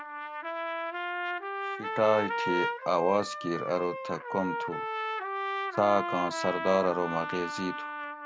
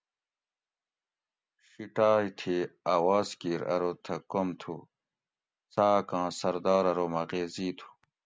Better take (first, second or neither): second